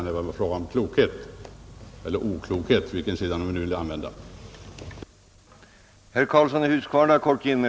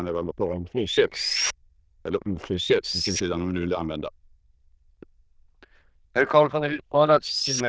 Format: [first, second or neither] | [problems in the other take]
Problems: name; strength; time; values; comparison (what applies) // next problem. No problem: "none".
first | noise reduction (neural diffusion model UNIVERSE++)